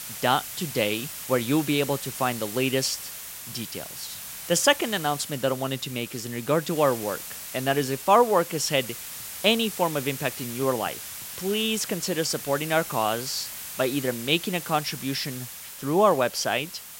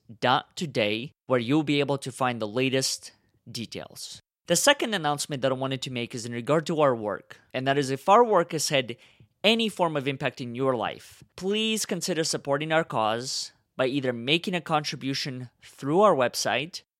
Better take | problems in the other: second | hiss; loud; throughout; 10 dB below the speech

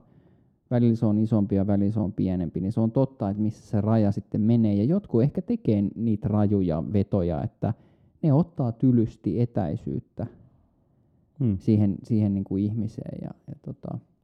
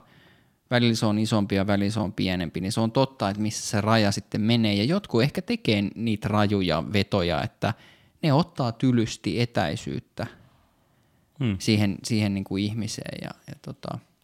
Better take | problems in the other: second | muffled; very; fading above 1 kHz

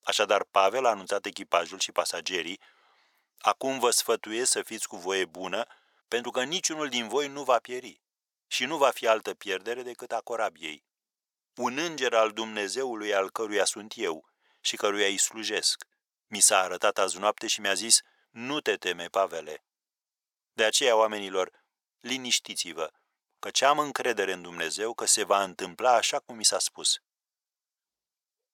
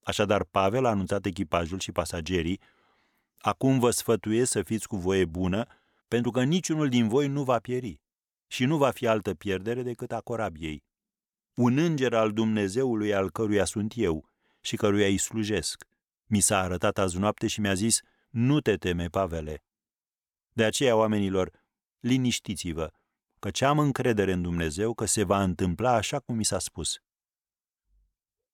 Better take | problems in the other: second | thin; very; fading below 650 Hz

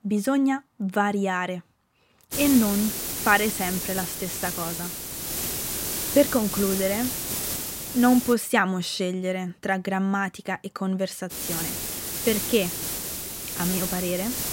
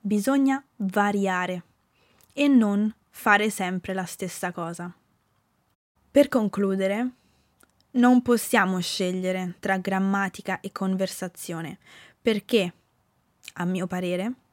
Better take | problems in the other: second | hiss; loud; from 2.5 to 8.5 s and from 11 s on; 3 dB below the speech

